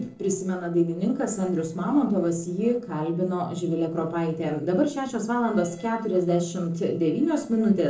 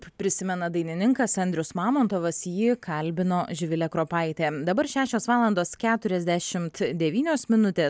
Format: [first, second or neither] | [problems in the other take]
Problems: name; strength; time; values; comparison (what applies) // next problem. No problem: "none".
second | noise reduction (neural separator model SepFormer DNS4)